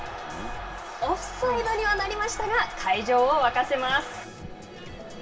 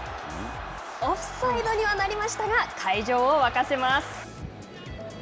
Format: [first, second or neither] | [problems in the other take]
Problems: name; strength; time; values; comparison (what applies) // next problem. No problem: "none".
second | background sound (Bathtub (filling or washing)); 17 dB below the speech // room echo; dies away in 0.2 s